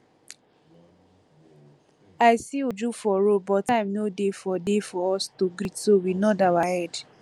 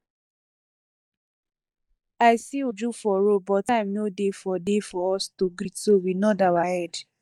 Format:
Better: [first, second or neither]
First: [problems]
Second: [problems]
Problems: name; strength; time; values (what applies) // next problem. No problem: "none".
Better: first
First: none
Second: noise reduction (neural mask model DeepFilterNet 3)